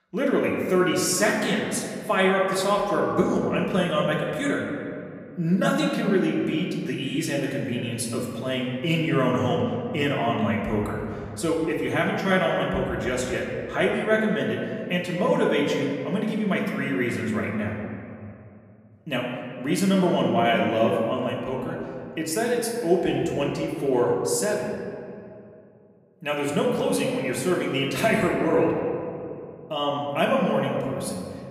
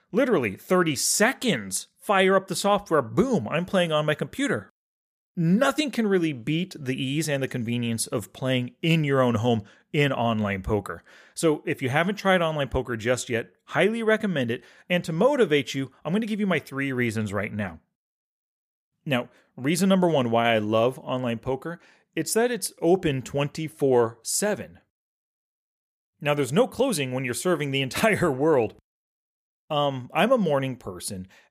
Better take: second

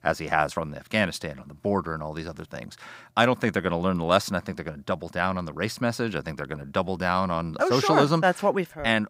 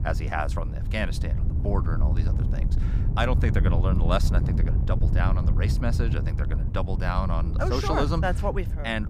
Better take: first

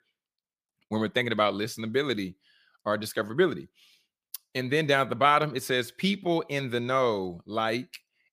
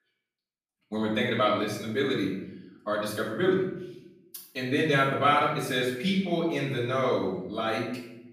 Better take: first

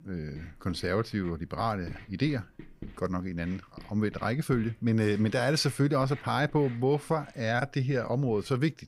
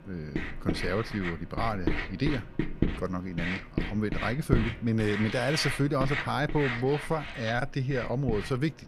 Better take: first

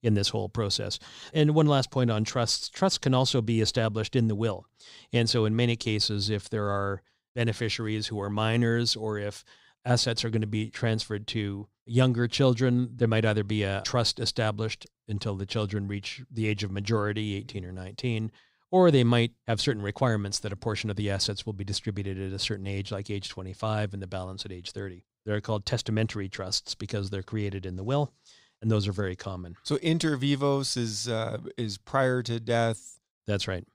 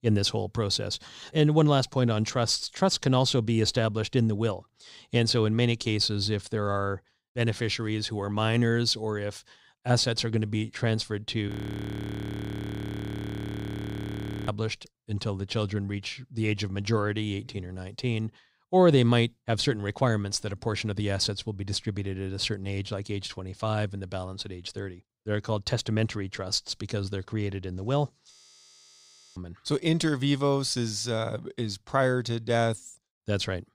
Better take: first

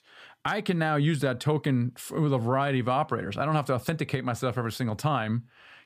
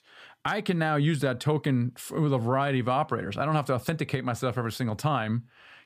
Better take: neither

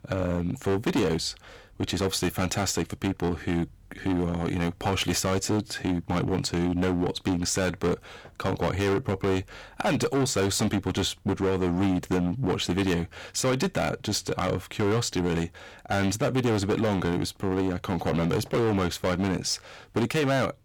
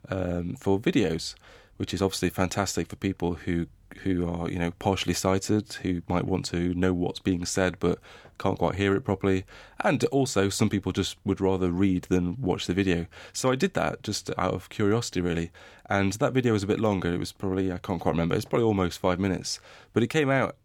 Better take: second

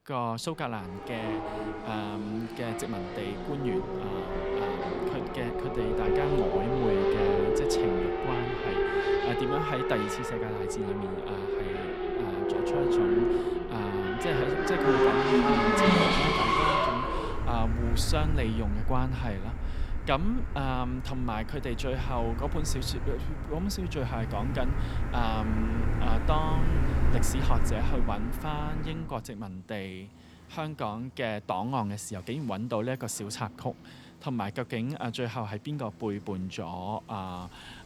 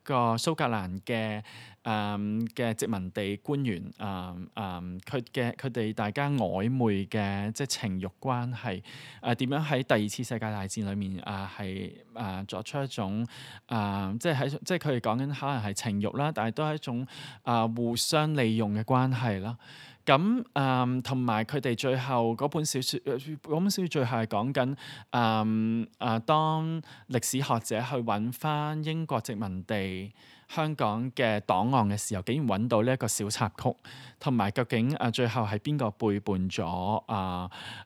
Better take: second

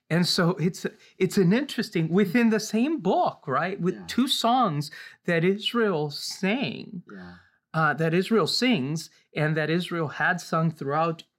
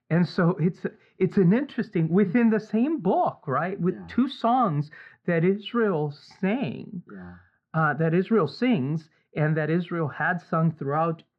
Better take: first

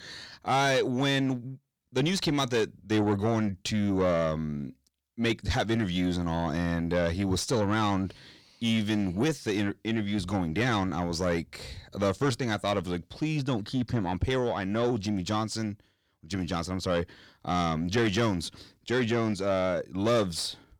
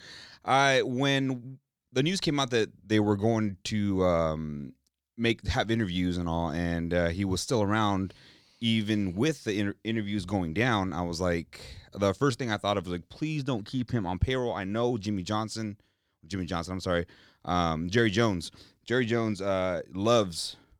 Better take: second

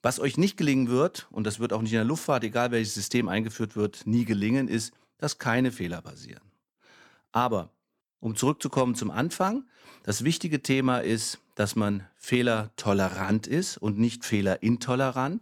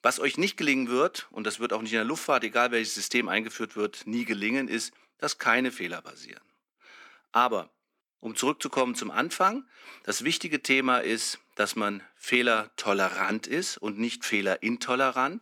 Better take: first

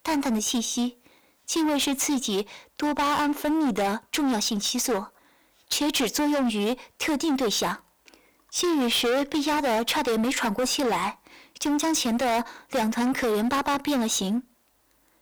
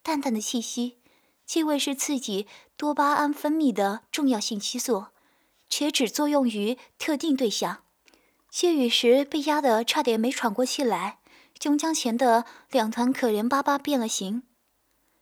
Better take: second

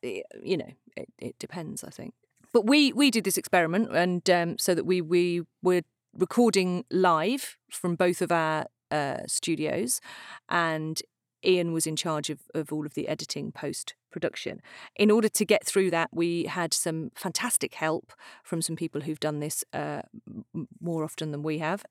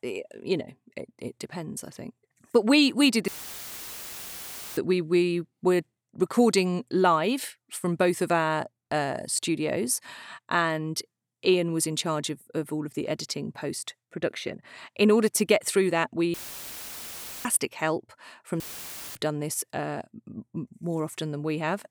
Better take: first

